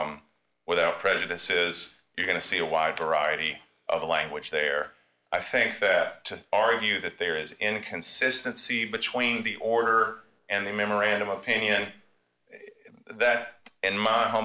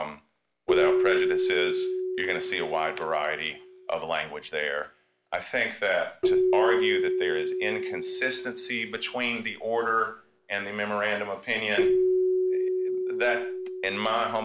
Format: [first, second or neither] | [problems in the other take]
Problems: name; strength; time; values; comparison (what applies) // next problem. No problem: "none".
first | background sound (Keyboard (musical)); 1 dB above the speech